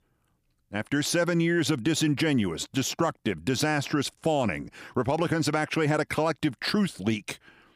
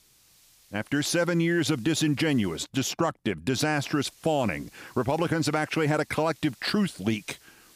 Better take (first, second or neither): first